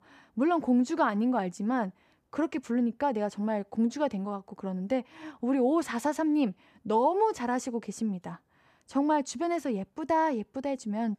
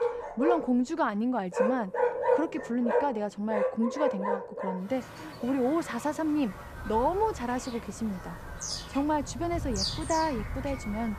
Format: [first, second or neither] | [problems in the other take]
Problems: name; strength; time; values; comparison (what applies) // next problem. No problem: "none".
first | animal sounds; loud; throughout; 2 dB below the speech